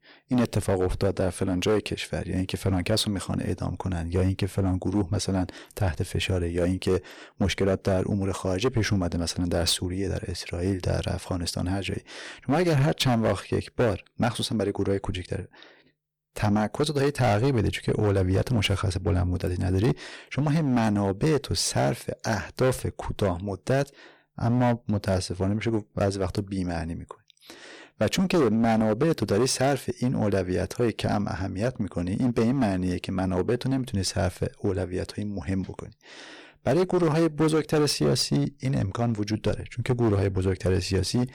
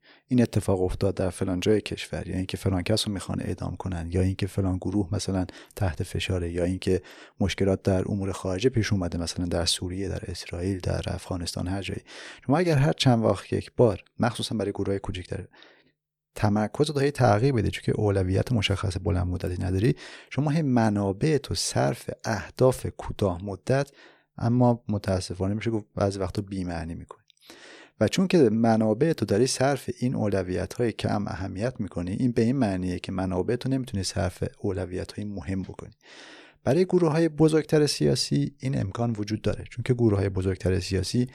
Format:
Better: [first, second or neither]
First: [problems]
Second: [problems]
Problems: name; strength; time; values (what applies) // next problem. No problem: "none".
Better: second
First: distortion; slight; 9% of the sound clipped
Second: none